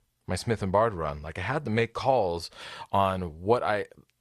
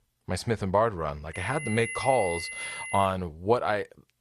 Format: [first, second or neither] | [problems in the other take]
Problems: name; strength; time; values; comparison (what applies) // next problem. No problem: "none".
first | high-pitched whine; loud; from 1.5 to 3 s; 2 kHz, 7 dB below the speech